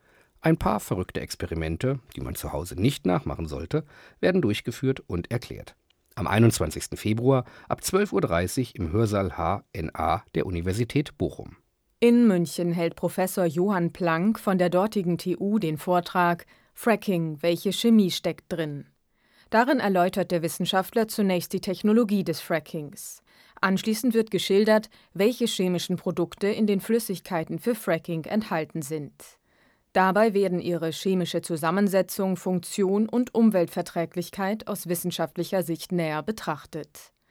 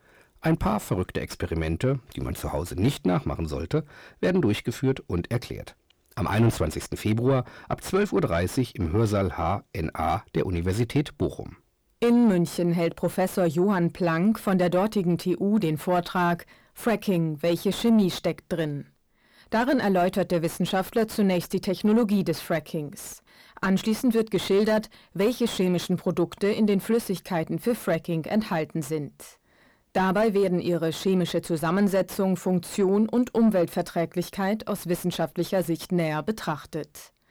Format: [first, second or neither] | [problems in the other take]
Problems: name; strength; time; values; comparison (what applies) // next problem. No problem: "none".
first | distortion; slight; 10 dB below the speech